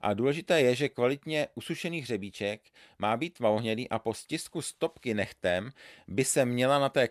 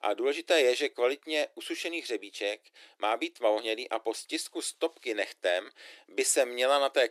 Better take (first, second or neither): first